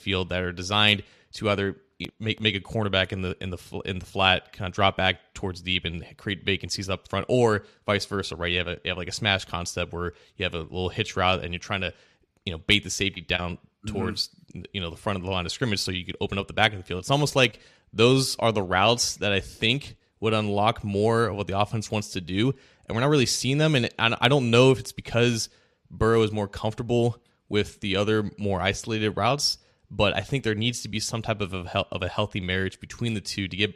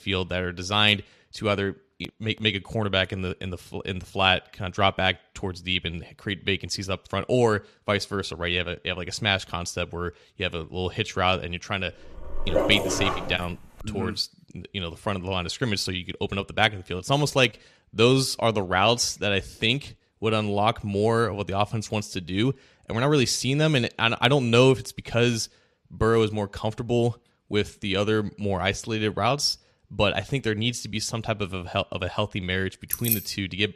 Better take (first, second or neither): first